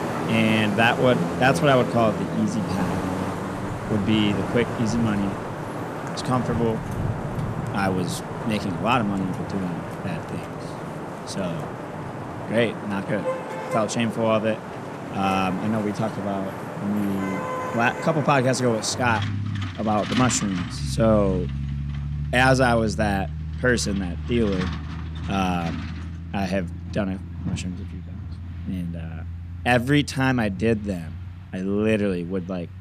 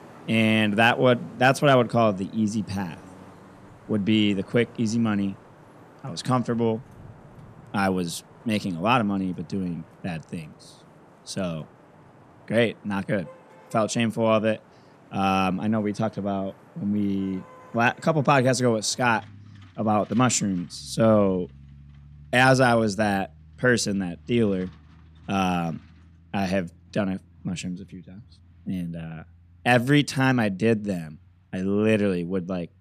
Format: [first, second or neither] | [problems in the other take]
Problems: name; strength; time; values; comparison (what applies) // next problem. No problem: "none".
second | traffic noise; loud; throughout; 6 dB below the speech; faint in the second